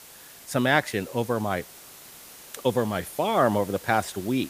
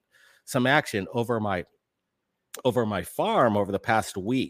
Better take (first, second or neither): second